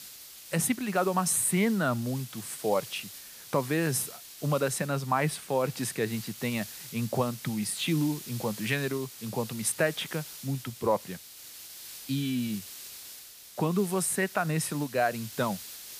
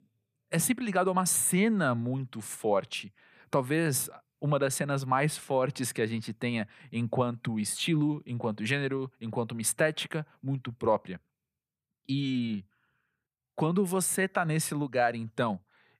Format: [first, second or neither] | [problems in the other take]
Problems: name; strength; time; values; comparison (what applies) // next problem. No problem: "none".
second | hiss; noticeable; throughout; 10 dB below the speech